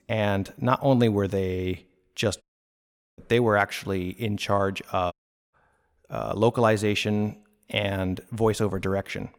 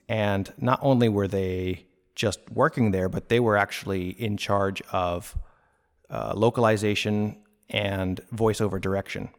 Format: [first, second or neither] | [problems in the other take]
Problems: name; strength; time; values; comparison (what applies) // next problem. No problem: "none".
second | audio cutting out; at 2.5 s for 1 s and at 5 s